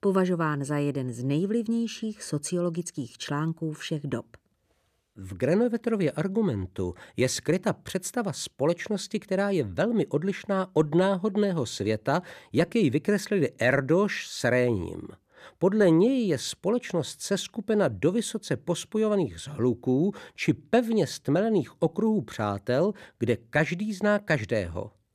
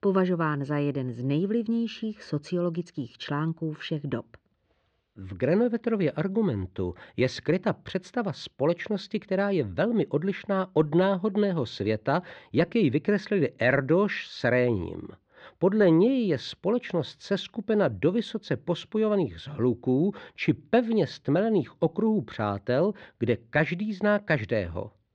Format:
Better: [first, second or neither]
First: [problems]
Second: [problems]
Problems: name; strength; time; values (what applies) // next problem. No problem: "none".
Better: first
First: none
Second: muffled; very slightly; fading above 4.5 kHz